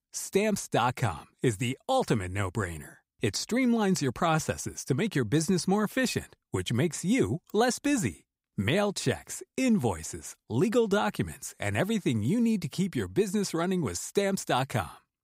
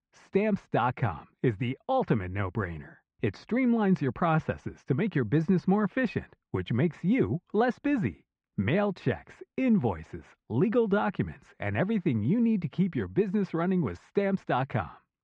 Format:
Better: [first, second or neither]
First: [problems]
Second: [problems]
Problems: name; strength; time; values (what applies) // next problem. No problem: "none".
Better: first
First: none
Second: muffled; very; fading above 2.5 kHz